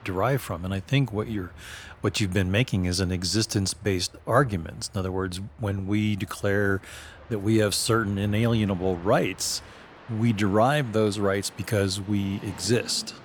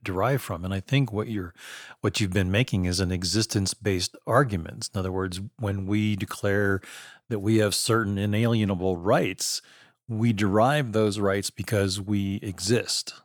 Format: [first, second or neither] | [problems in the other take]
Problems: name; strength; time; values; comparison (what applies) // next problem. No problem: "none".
second | train or aircraft noise; faint; throughout; 20 dB below the speech